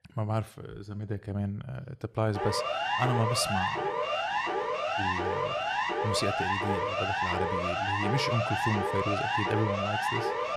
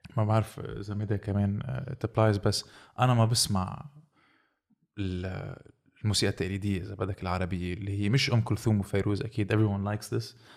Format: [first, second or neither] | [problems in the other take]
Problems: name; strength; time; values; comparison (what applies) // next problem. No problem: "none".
second | siren; loud; from 2.5 s on; peak 4 dB above the speech